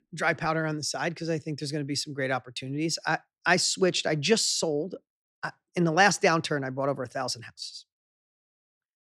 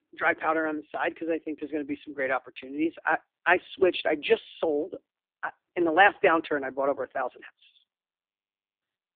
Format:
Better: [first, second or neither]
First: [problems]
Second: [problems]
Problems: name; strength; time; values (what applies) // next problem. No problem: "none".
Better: first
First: none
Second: phone-call audio; poor line